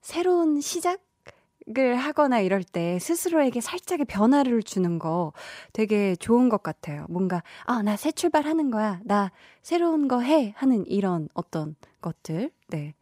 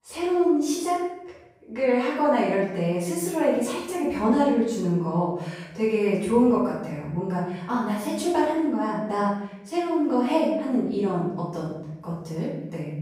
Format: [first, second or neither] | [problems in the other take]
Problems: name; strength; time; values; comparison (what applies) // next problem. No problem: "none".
first | off-mic speech; far // room echo; noticeable; dies away in 0.8 s